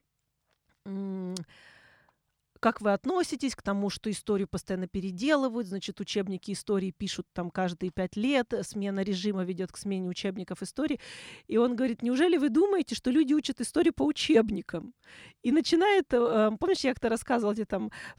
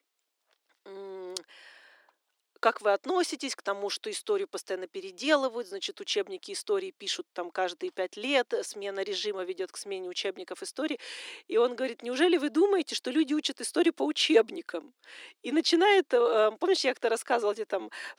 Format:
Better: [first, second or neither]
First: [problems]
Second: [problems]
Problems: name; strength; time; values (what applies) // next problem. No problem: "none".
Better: first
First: none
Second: thin; somewhat; fading below 300 Hz